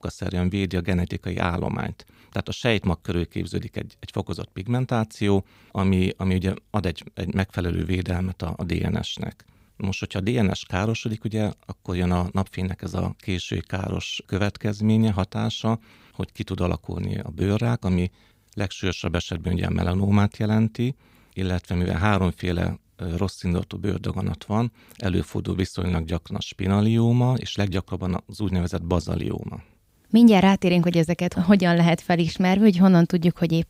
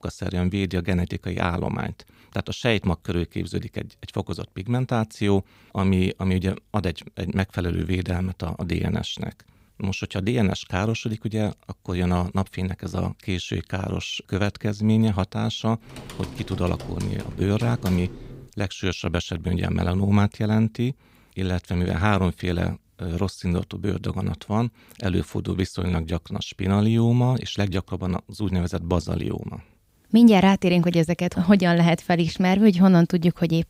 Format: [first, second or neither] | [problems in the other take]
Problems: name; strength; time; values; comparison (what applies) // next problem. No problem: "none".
first | keyboard typing; faint; from 16 to 18 s; peak 15 dB below the speech